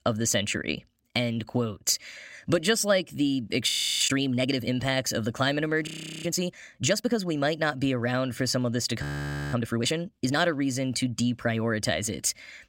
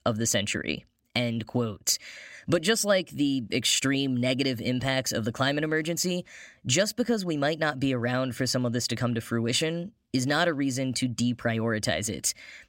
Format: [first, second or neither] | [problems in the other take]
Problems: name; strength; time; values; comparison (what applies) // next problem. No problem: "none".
second | audio freezing; at 3.5 s, at 6 s and at 9 s for 0.5 s